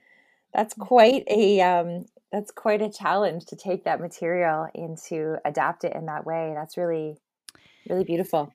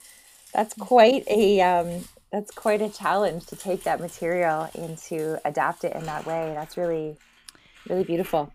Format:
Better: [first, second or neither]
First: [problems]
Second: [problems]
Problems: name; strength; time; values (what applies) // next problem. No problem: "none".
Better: first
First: none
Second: household noises; faint; throughout; 20 dB below the speech